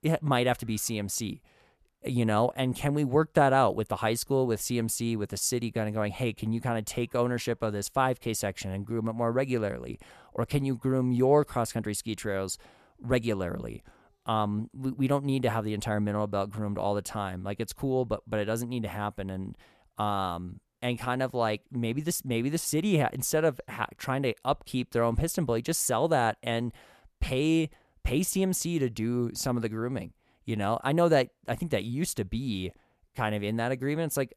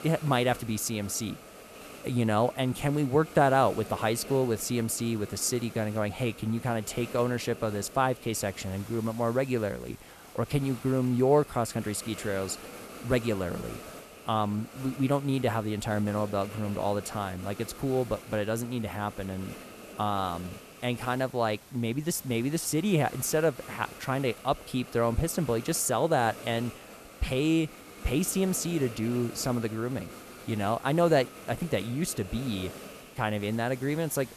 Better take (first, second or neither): first